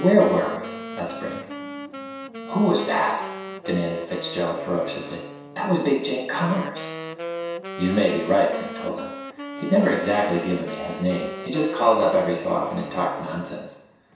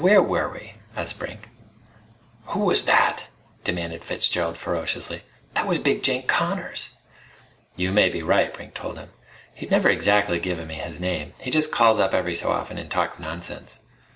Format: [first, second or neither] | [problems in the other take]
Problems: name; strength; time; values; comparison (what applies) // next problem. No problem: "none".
second | background sound (Wind instrument, woodwind instrument); 11 dB below the speech // room echo; dies away in 0.7 s